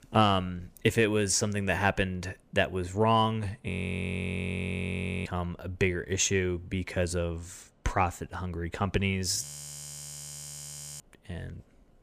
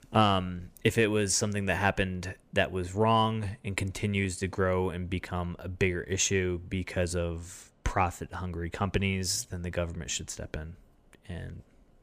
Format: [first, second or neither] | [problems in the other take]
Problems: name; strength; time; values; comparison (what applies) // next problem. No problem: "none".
second | audio freezing; at 3.5 s for 1.5 s and at 9.5 s for 1.5 s